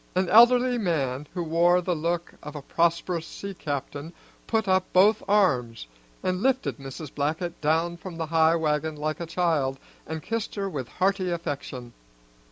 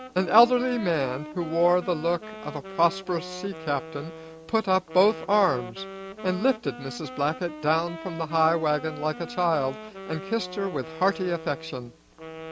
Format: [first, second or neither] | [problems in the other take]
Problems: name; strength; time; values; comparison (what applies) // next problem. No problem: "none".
first | background sound (Wind instrument, woodwind instrument); 14 dB below the speech